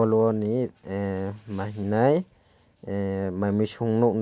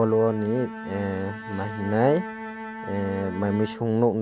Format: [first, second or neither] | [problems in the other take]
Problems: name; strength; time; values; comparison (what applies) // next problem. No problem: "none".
first | background sound (Bowed string instrument); 11 dB below the speech